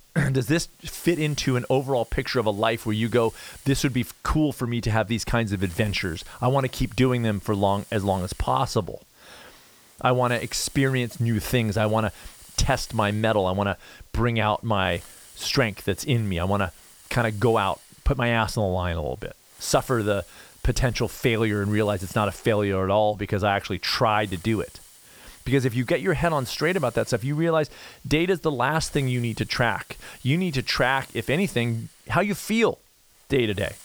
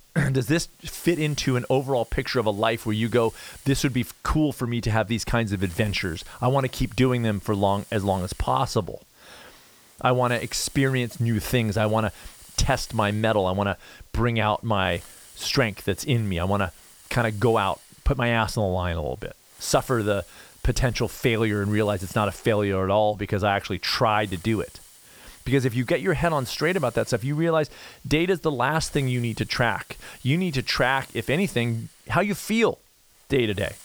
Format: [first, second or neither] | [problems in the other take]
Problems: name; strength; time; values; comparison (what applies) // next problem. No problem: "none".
neither | hiss; faint; throughout; 25 dB below the speech; the same in both